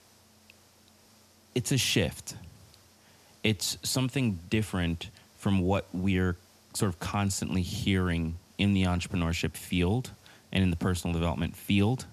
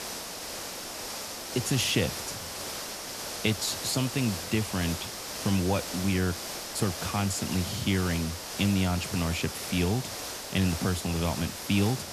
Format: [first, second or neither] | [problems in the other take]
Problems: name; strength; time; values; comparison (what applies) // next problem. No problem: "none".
first | hiss; loud; throughout; 6 dB below the speech; faint in the first